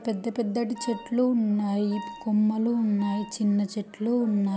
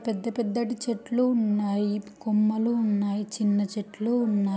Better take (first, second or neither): second